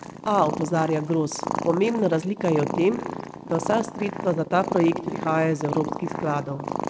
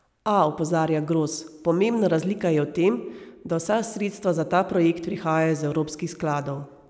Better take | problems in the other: second | noise reduction (neural mask model RNNoise)

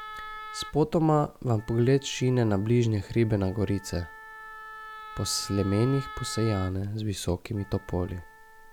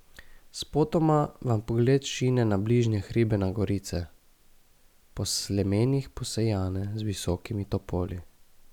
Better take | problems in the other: second | background sound (Wind instrument, woodwind instrument); 17 dB below the speech

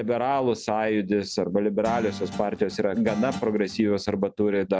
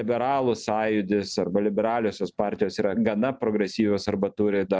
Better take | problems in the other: second | background sound (Guitar); 13 dB below the speech

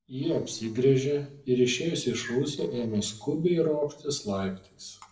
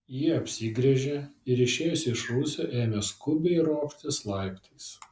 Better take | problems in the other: second | noise reduction (neural separator model SepFormer DNS4)

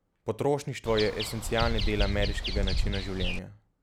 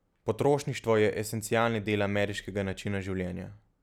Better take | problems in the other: second | background sound (Bird vocalization, bird call, bird song); 2 dB above the speech

